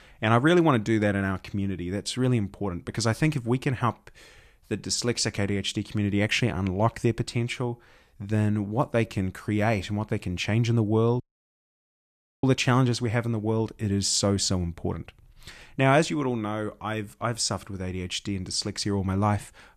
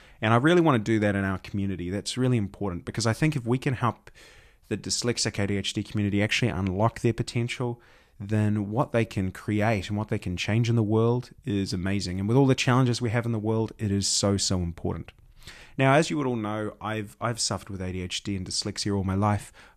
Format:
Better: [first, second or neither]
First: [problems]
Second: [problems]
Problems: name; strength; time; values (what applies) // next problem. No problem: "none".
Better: second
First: audio cutting out; at 11 s for 1 s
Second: none